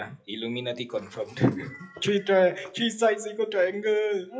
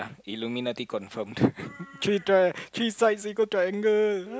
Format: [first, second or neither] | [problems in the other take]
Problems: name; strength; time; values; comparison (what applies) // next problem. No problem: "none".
second | noise reduction (classical method WPE with log-MMSE)